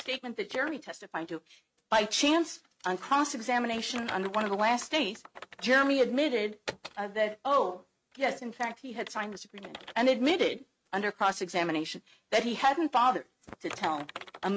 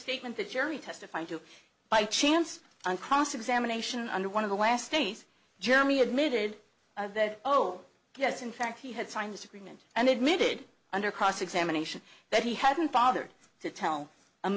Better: second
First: noise reduction (neural mask model RNNoise)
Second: none

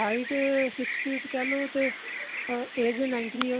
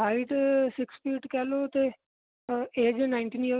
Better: second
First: background sound (Bird vocalization, bird call, bird song); 6 dB below the speech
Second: none

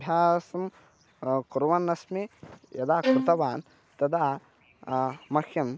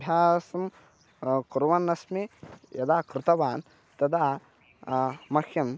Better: second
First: background sound (Bowed string instrument); 2 dB below the speech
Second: none

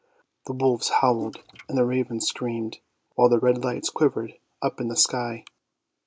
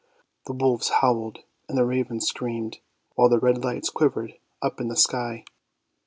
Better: second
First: noise reduction (neural mask model Resemble Enhance denoiser)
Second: none

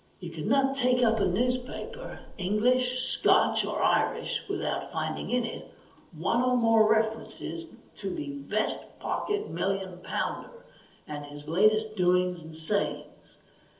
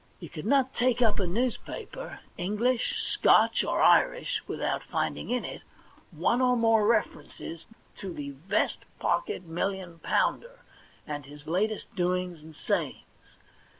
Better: second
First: room echo; dies away in 1.2 s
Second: none

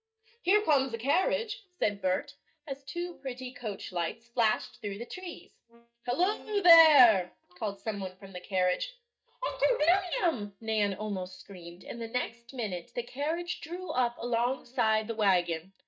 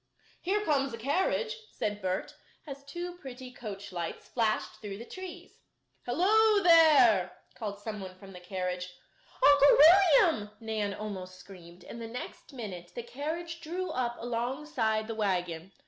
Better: second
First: noise reduction (neural mask model DeepFilterNet 3)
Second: none

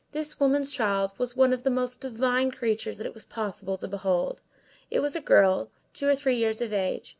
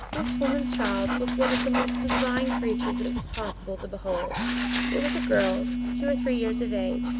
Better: first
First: none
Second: background sound (Telephone + Dog); 3 dB above the speech

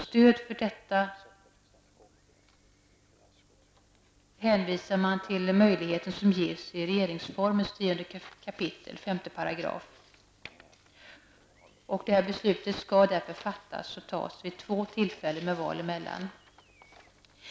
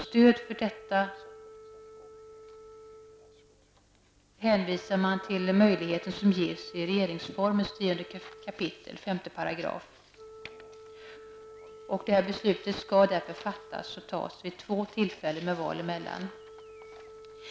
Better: first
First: none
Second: background sound (Wind instrument, woodwind instrument); 20 dB below the speech

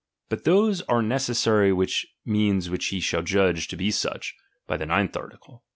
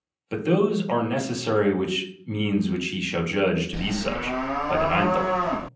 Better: first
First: none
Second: background sound (Livestock, farm animals, working animals); 1 dB below the speech // room echo; dies away in 0.6 s

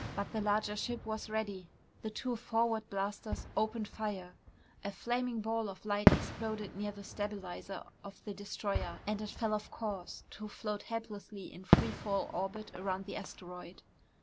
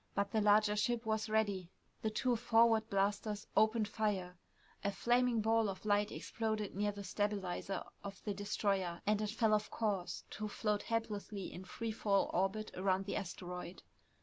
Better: second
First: background sound (Fireworks); 1 dB below the speech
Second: none

